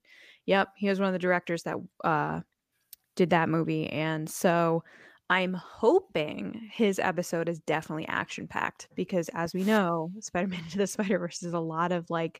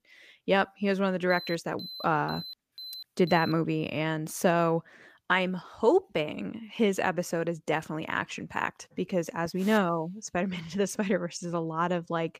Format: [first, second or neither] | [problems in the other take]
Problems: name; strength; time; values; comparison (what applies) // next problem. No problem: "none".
first | alarm; faint; from 1.5 to 3.5 s; peak 10 dB below the speech